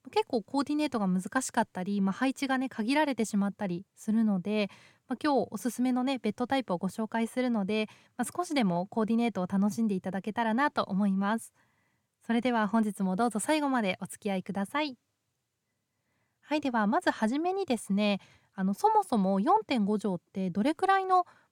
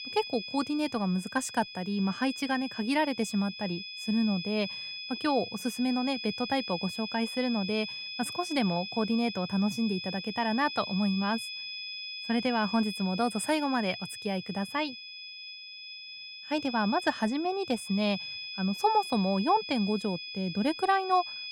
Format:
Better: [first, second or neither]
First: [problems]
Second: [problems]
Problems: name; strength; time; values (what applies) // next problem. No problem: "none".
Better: first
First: none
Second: high-pitched whine; loud; throughout; 5 kHz, 8 dB below the speech